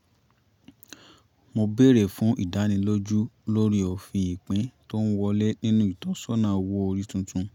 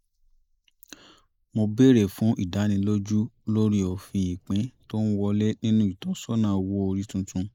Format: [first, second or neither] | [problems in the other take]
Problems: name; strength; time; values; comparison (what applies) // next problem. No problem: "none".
first | noise reduction (neural mask model Resemble Enhance denoiser)